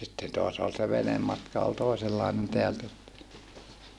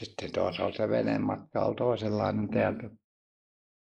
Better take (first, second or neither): first